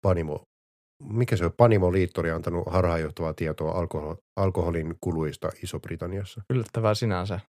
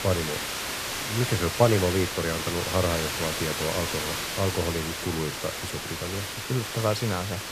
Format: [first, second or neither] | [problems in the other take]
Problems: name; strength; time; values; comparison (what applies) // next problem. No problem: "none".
first | hiss; loud; throughout; 1 dB below the speech